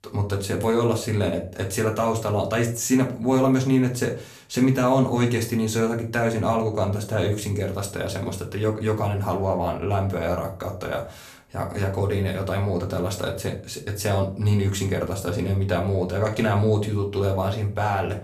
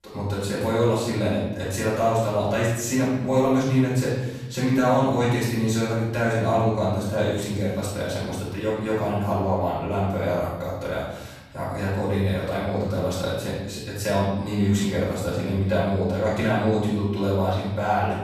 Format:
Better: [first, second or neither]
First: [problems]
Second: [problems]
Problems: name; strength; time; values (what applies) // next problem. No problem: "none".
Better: first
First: room echo; slight; dies away in 0.3 s // off-mic speech; somewhat distant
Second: room echo; strong; dies away in 1 s // off-mic speech; far